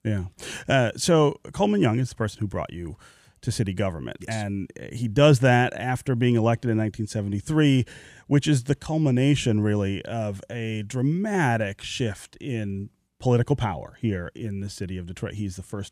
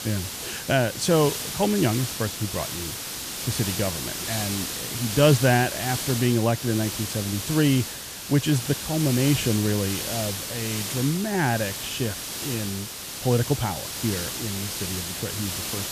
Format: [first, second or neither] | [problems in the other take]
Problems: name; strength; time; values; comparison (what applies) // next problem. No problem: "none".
first | hiss; loud; throughout; 4 dB below the speech